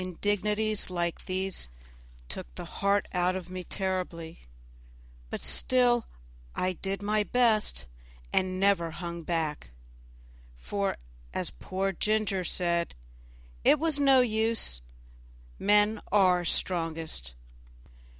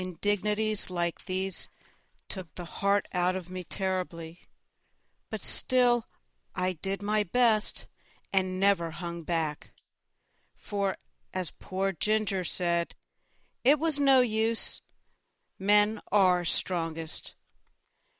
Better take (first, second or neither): first